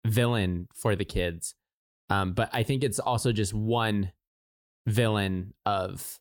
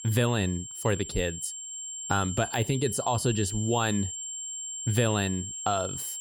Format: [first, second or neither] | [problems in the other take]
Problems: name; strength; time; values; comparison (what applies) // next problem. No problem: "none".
first | high-pitched whine; loud; throughout; 7.5 kHz, 6 dB below the speech